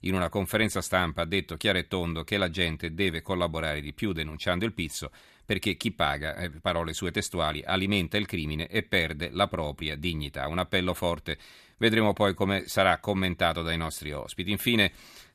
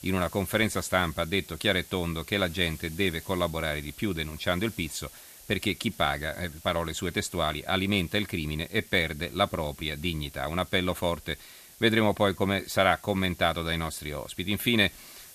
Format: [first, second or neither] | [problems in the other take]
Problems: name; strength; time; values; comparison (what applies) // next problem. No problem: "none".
first | hiss; noticeable; throughout; 20 dB below the speech